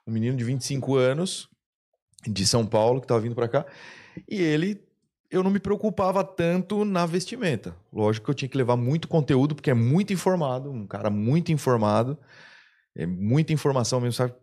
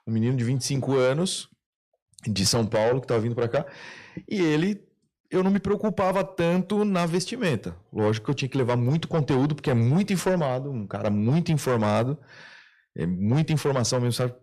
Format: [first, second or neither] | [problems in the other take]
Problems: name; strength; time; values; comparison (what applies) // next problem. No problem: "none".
first | distortion; slight; 10 dB below the speech